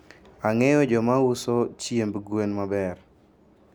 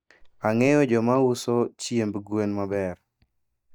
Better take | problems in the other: first | noise reduction (neural mask model DeepFilterNet 3)

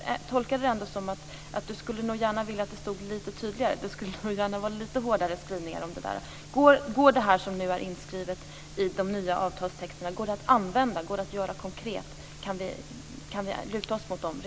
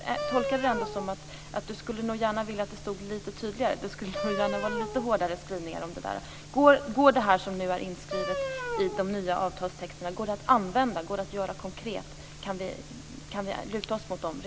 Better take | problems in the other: first | background sound (Wind instrument, woodwind instrument); 7 dB below the speech

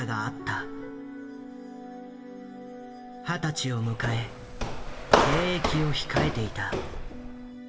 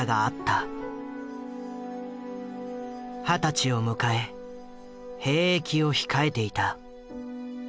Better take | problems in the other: second | background sound (Walk, footsteps); 4 dB above the speech // room echo; dies away in 1.1 s

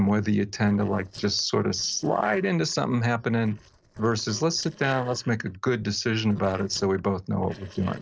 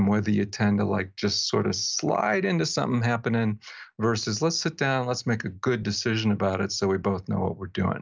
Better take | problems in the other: second | noise reduction (neural separator model SepFormer DNS4)

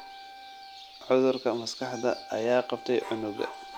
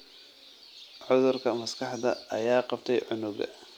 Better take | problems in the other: second | background sound (Wind instrument, woodwind instrument + Dog); 16 dB below the speech

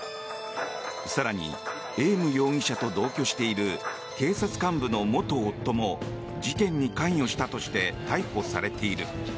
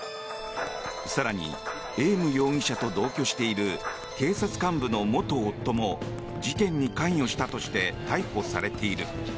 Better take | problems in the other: first | background sound (Typing); 20 dB below the speech

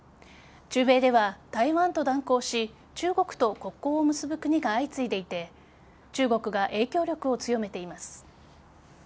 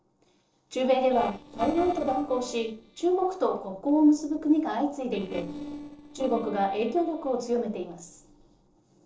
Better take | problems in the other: first | noise reduction (neural separator model SepFormer DNS4)

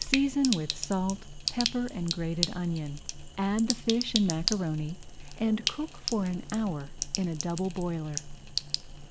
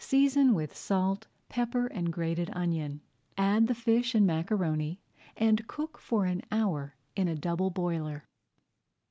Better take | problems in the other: second | background sound (Sink (filling or washing)); 5 dB below the speech

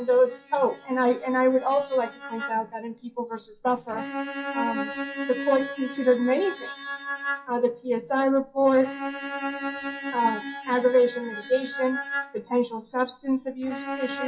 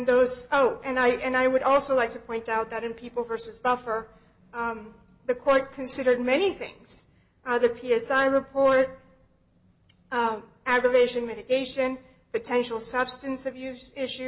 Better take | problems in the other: second | noise reduction (classical method WPE with log-MMSE)

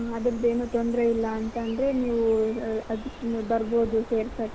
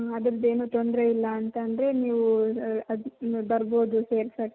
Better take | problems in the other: second | background sound (Bird); 14 dB below the speech

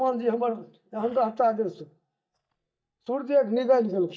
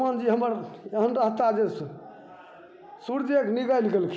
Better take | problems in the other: second | noise reduction (neural mask model DeepFilterNet 3)

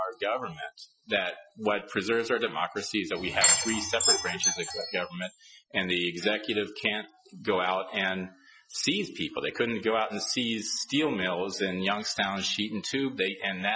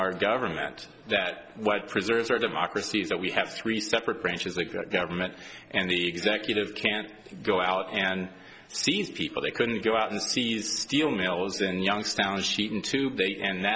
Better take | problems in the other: second | noise reduction (classical method Wiener filter)

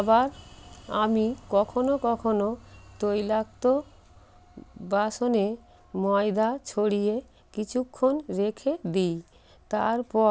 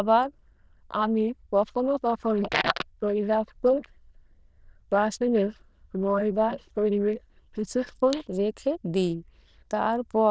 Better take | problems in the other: first | noise reduction (neural diffusion model UNIVERSE++)

